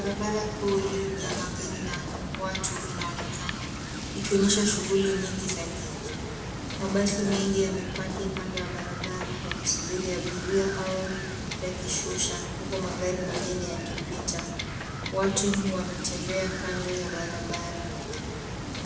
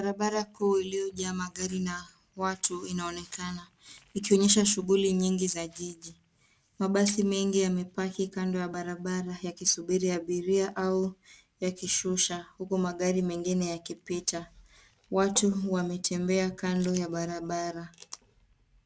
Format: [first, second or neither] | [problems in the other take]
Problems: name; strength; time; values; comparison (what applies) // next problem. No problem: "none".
second | background sound (Wind / Boat, Water vehicle); 3 dB below the speech // room echo; dies away in 1 s